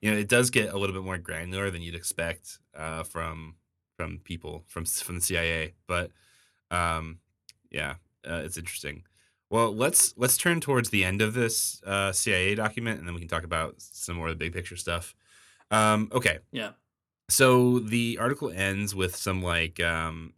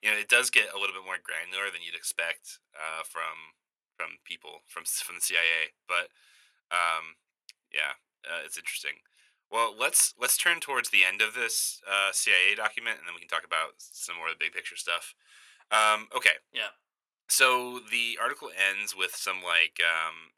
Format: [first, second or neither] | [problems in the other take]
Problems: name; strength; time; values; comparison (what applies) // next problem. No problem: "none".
first | thin; very; fading below 800 Hz